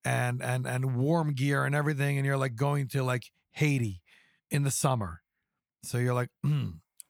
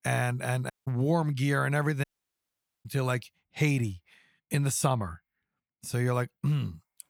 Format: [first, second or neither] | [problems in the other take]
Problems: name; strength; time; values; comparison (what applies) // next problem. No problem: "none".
first | audio cutting out; at 0.5 s and at 2 s for 1 s